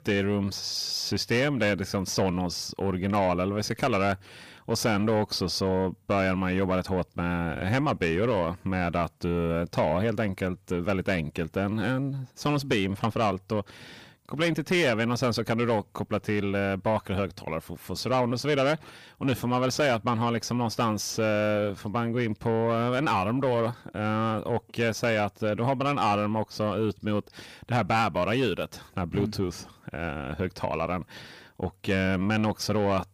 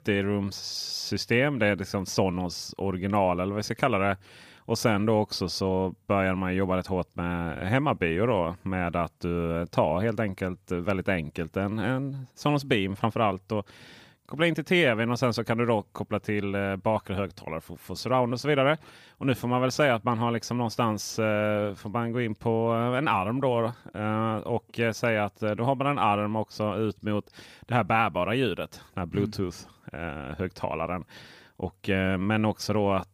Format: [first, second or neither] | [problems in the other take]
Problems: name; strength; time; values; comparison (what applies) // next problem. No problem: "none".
second | distortion; slight; 10 dB below the speech